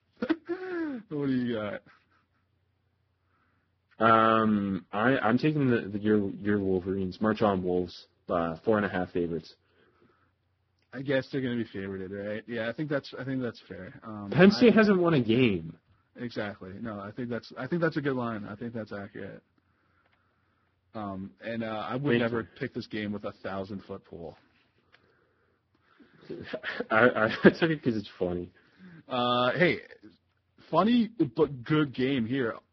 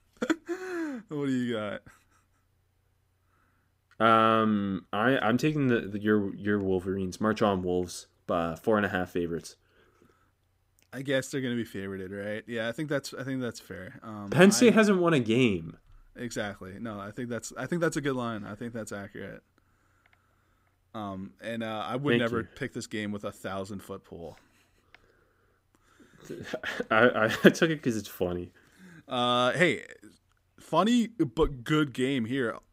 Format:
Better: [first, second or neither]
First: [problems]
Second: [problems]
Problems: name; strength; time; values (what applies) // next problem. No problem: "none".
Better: second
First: garbled, watery; badly; nothing above 5.5 kHz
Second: none